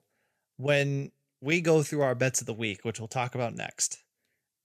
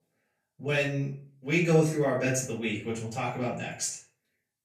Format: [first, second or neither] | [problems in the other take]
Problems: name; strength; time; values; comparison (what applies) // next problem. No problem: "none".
first | off-mic speech; far // room echo; slight; dies away in 0.4 s